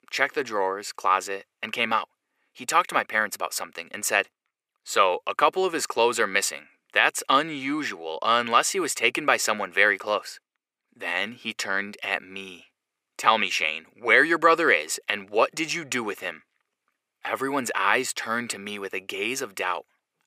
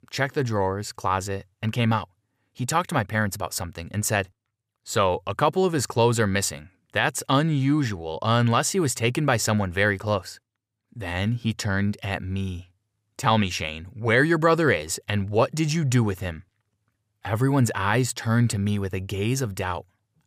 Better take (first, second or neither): second